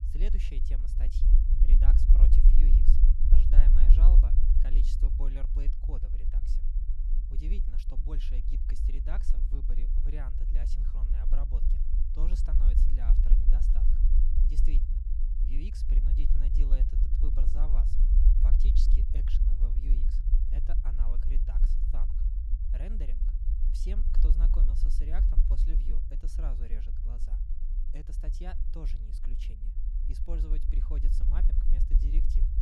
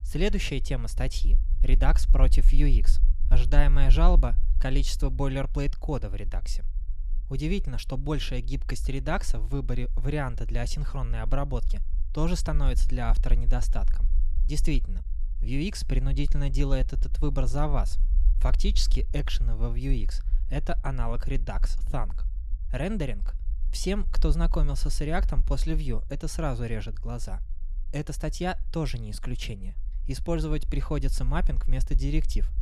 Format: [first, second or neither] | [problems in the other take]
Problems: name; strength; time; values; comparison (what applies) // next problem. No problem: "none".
second | low rumble; loud; throughout; as loud as the speech; faint in the second